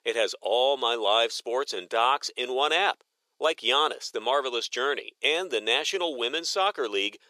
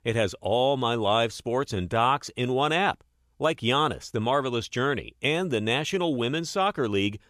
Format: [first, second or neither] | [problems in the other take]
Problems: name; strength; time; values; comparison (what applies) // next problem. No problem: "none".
second | thin; very; fading below 400 Hz